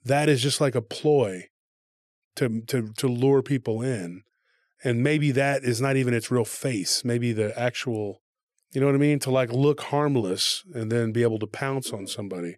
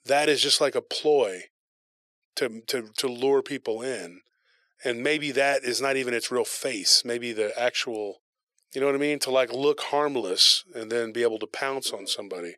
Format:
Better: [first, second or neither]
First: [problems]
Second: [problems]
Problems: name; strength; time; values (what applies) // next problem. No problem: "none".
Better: first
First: none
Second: thin; somewhat; fading below 500 Hz